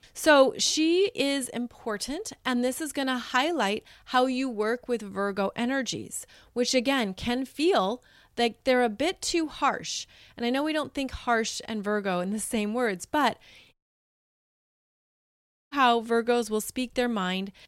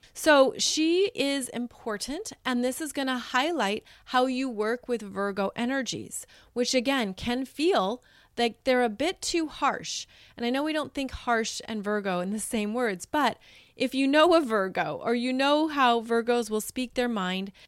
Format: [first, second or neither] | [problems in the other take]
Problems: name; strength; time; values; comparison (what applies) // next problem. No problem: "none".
second | audio cutting out; at 14 s for 2 s